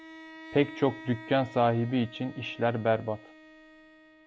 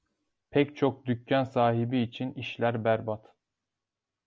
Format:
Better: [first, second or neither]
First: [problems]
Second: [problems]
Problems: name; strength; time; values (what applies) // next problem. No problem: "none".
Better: second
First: background sound (Bowed string instrument); 18 dB below the speech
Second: none